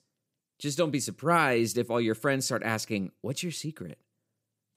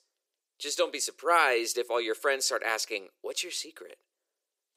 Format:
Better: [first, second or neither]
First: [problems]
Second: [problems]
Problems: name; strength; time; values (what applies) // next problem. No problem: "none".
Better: first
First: none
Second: thin; very; fading below 400 Hz